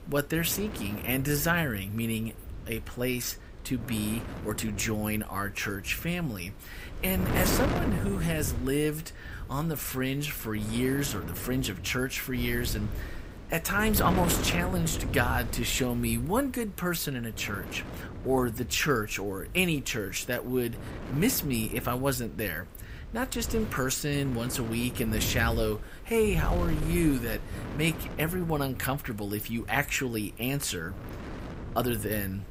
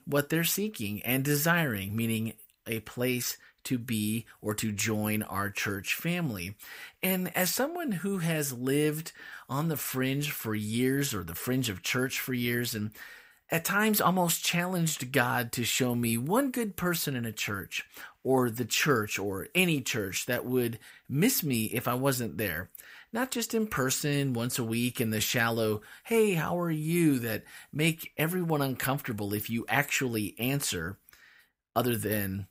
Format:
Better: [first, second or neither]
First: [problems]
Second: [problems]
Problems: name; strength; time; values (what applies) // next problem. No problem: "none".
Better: second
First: wind noise on the microphone; heavy; 10 dB below the speech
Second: none